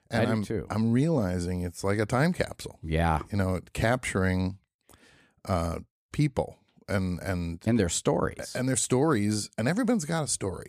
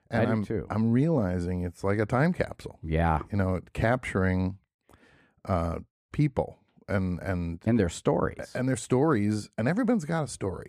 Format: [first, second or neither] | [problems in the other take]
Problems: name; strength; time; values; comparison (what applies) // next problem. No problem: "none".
first | muffled; slightly; fading above 3 kHz